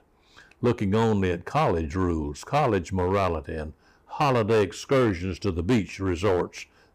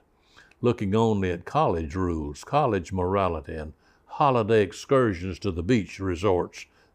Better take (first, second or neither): second